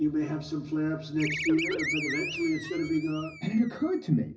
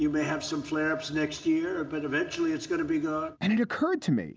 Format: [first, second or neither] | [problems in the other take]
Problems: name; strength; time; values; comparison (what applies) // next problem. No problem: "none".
second | background sound (Animal); 7 dB below the speech // room echo; dies away in 0.4 s